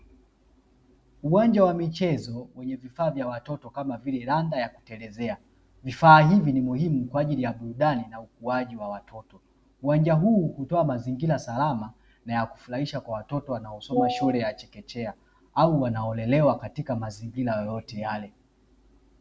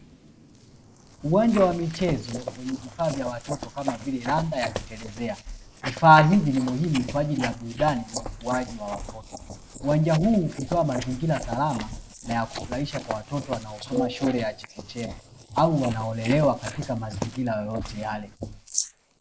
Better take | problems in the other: first | noise reduction (neural mask model Resemble Enhance denoiser)

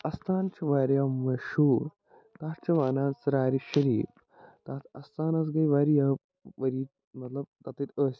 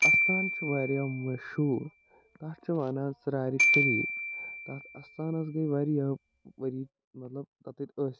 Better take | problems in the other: first | background sound (Glockenspiel); 1 dB above the speech

